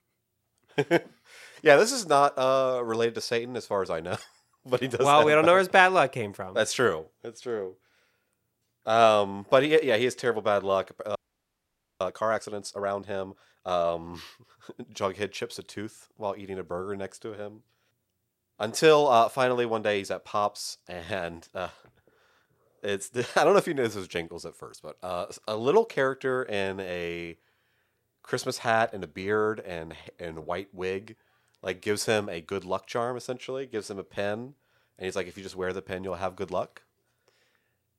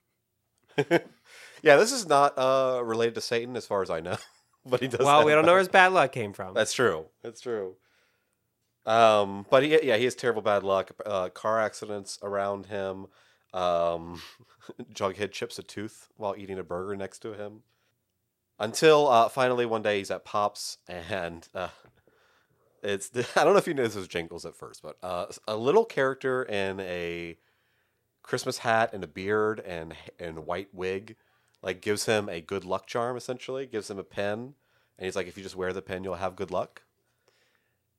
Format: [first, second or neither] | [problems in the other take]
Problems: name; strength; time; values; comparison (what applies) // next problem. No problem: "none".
second | audio freezing; at 11 s for 1 s